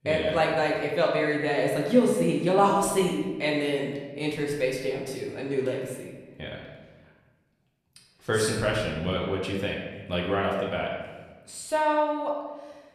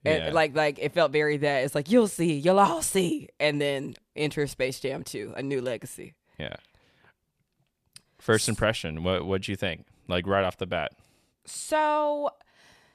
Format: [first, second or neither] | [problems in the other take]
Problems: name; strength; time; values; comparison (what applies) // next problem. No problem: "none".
second | room echo; noticeable; dies away in 1.1 s // off-mic speech; somewhat distant